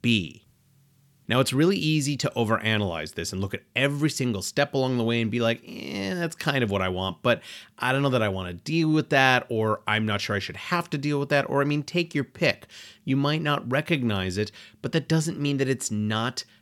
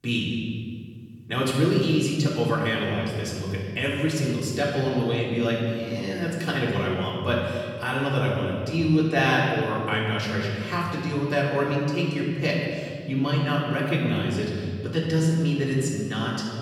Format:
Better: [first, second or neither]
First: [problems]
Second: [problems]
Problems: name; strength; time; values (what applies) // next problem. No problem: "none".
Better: first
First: none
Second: room echo; noticeable; dies away in 2.1 s // off-mic speech; far